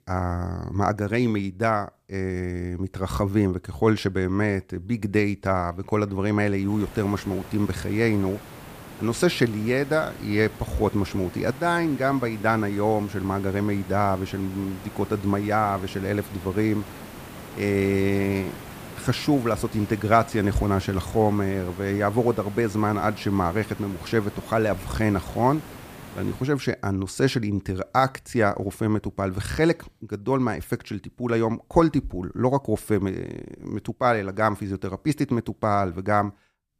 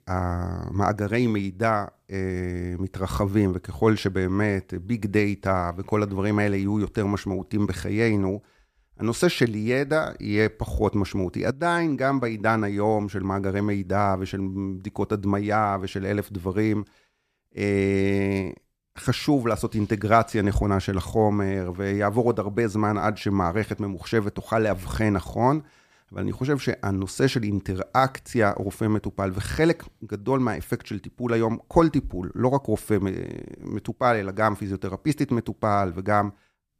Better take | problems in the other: second | hiss; noticeable; from 6.5 to 26 s; 15 dB below the speech

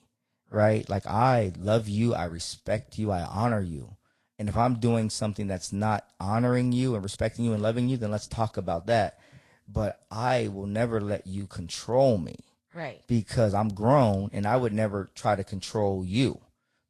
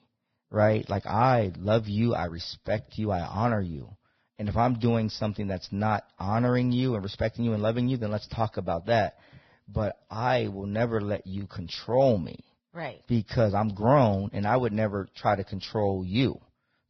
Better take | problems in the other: first | garbled, watery; badly; nothing above 5.5 kHz; slightly in the first

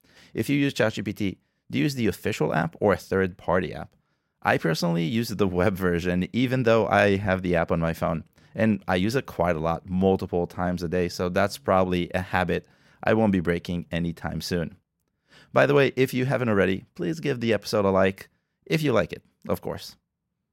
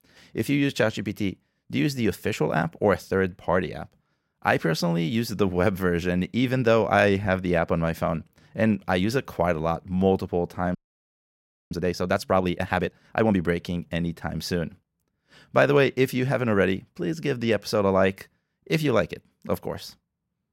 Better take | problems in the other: first | audio freezing; at 11 s for 1 s

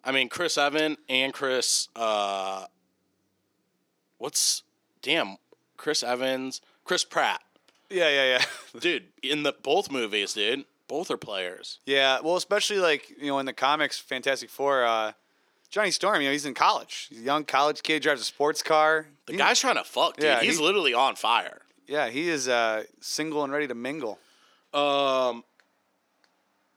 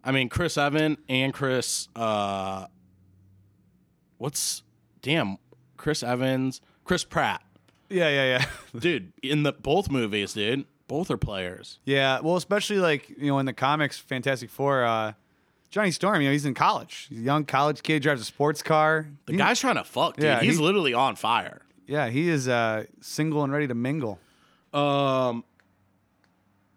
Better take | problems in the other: second | thin; somewhat; fading below 400 Hz

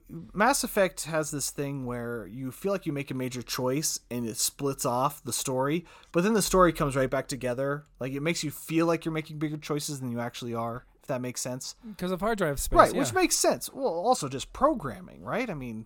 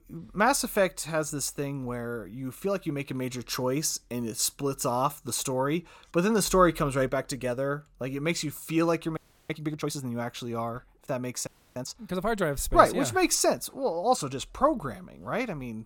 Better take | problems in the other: first | audio freezing; at 9 s and at 11 s

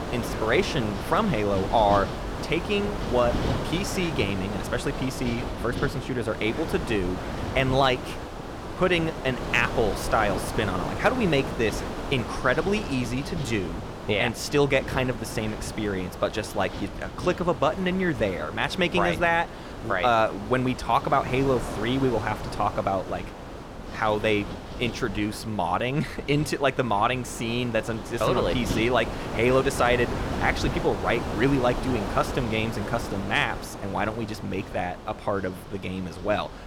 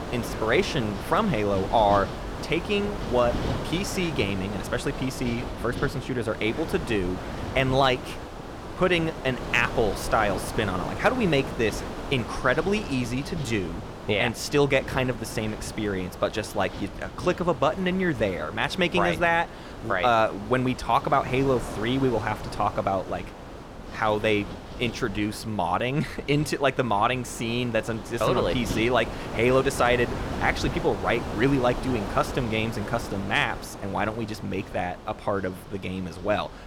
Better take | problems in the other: second | wind noise on the microphone; heavy; 9 dB below the speech; occasional gusts in the second

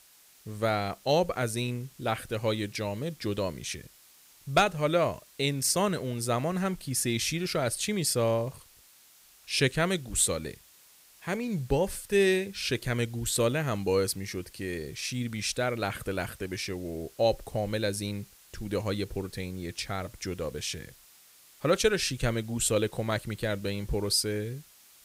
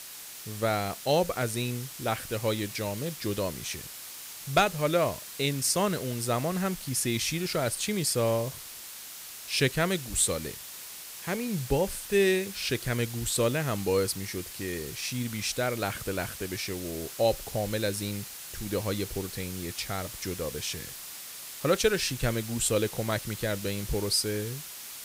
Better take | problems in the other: first | hiss; loud; throughout; 10 dB below the speech; faint in the first

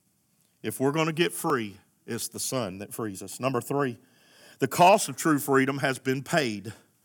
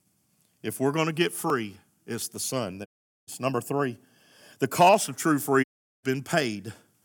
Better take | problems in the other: first | audio cutting out; at 3 s and at 5.5 s

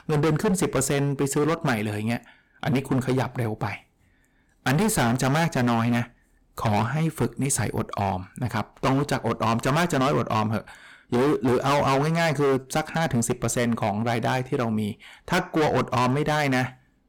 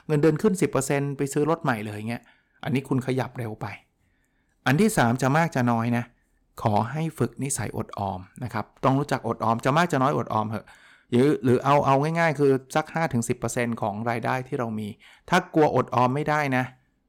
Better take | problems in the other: second | distortion; heavy; 16% of the sound clipped

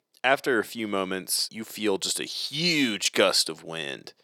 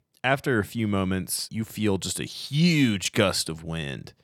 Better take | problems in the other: second | thin; somewhat; fading below 400 Hz

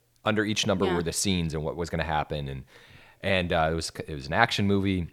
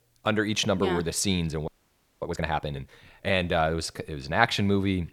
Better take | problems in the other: first | audio freezing; at 1.5 s for 0.5 s

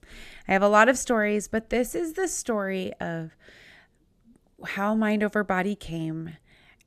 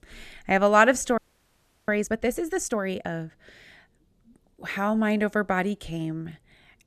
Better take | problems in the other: first | audio freezing; at 1 s for 0.5 s

